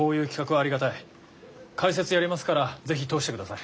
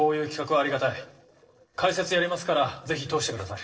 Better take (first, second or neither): first